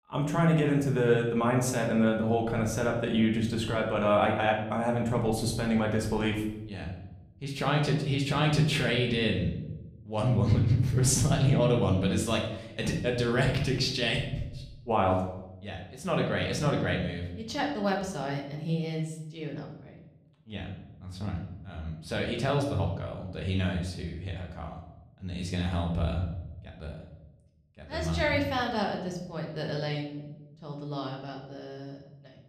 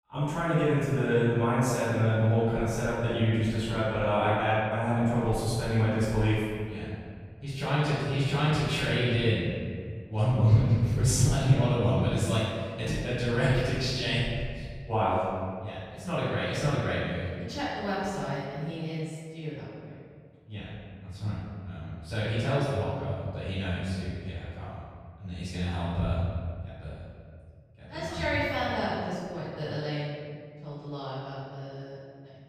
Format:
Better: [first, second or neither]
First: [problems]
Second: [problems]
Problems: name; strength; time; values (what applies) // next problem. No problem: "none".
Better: first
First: room echo; slight; dies away in 0.8 s // off-mic speech; somewhat distant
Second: room echo; strong; dies away in 1.8 s // off-mic speech; far